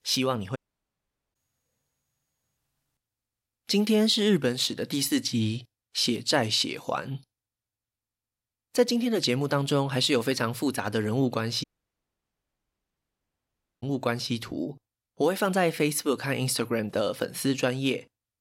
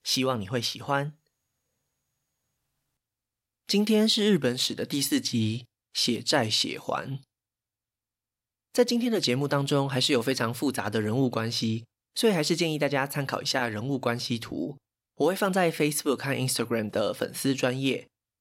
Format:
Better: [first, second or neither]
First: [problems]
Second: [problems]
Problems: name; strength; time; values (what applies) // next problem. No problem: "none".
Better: second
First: audio cutting out; at 0.5 s for 1 s and at 12 s for 2 s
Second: none